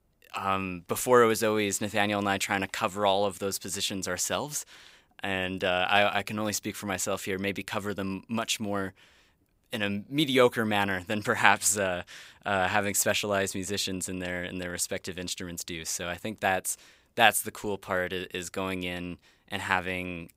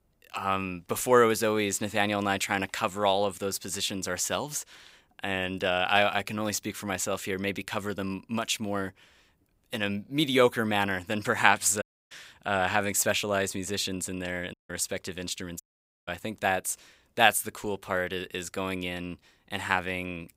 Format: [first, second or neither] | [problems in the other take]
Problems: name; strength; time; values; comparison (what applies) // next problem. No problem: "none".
first | audio cutting out; at 12 s, at 15 s and at 16 s